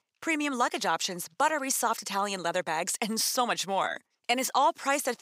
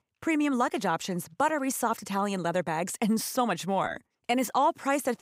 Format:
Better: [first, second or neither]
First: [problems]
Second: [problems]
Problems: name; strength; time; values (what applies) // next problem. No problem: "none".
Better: second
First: thin; very slightly; fading below 1 kHz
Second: none